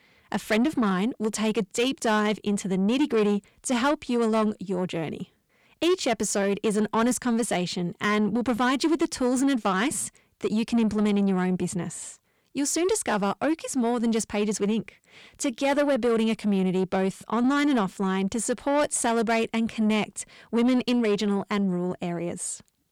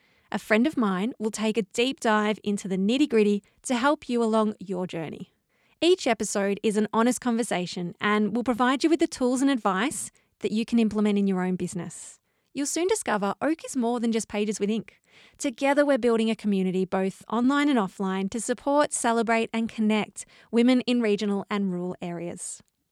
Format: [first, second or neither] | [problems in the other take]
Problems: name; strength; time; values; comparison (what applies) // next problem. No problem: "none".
second | distortion; slight; 10 dB below the speech